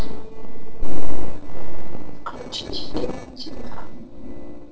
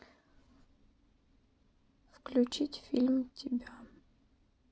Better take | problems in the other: second | noise reduction (neural separator model SepFormer DNS4)

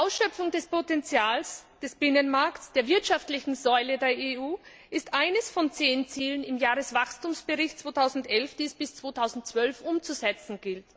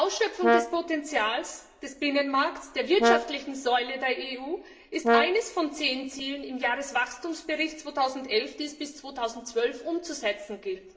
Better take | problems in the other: first | background sound (Brass instrument); as loud as the speech // room echo; dies away in 0.6 s

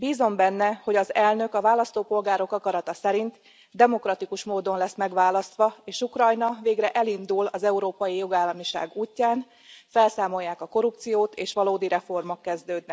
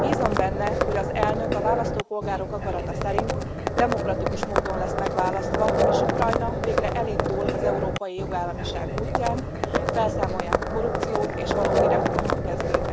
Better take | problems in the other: first | background sound (Livestock, farm animals, working animals); 5 dB above the speech

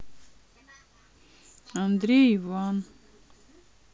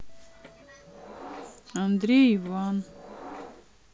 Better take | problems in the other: first | background sound (Subway, metro, underground); 18 dB below the speech

